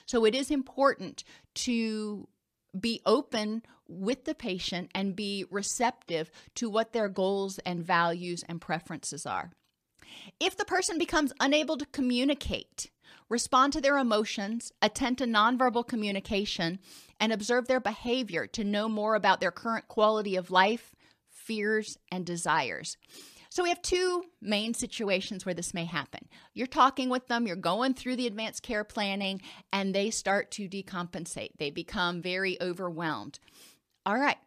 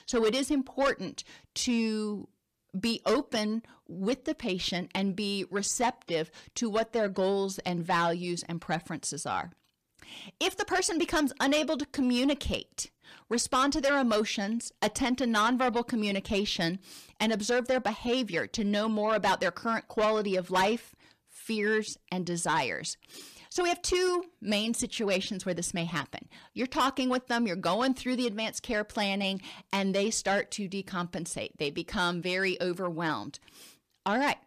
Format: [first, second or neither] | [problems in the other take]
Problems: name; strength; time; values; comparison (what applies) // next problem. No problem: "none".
first | distortion; slight; 10 dB below the speech